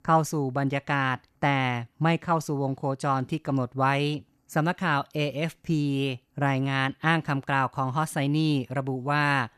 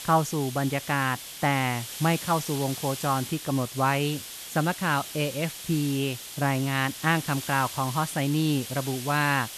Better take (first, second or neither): first